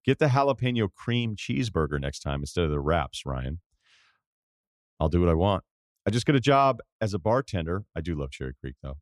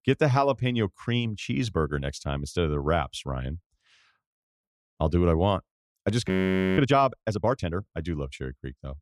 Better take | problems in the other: first | audio freezing; at 6.5 s

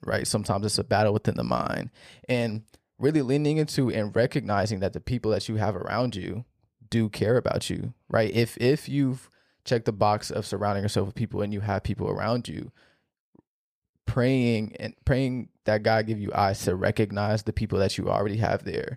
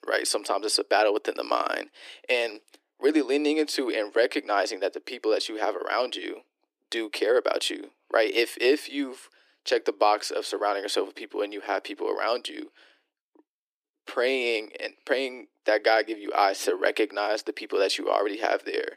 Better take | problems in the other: first | thin; somewhat; fading below 300 Hz

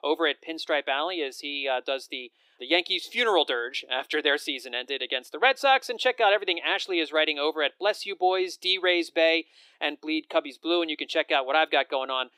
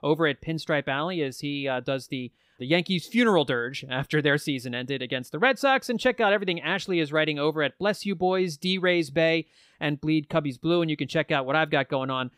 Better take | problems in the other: second | thin; very; fading below 350 Hz

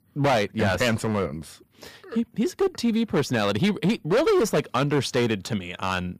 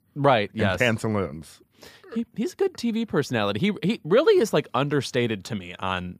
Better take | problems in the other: second | distortion; heavy; 11% of the sound clipped

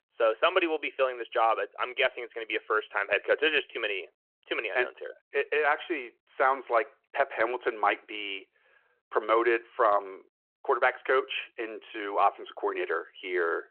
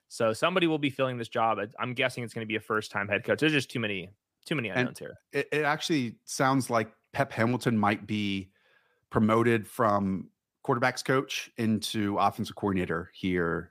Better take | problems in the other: second | phone-call audio

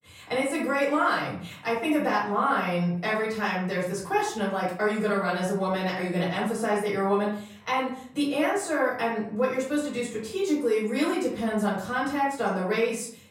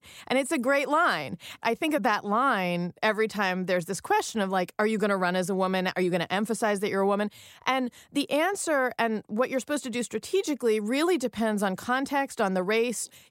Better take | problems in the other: second | room echo; slight; dies away in 0.5 s // off-mic speech; far

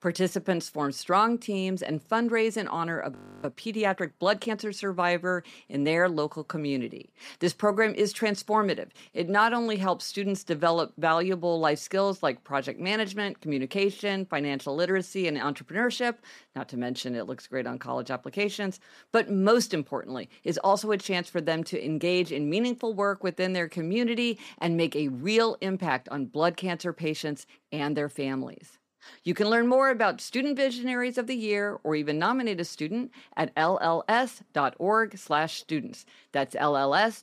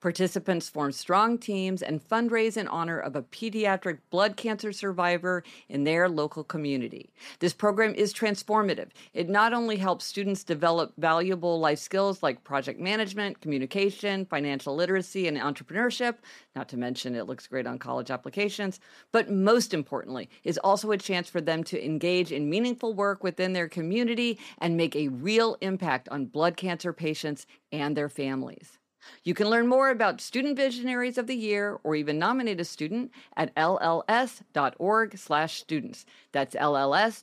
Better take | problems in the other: second | audio freezing; at 3 s

